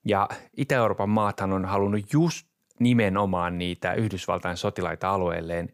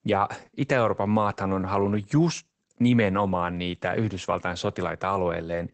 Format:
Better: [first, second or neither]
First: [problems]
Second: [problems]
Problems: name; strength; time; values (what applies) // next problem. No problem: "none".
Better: first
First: none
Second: garbled, watery; badly; nothing above 8 kHz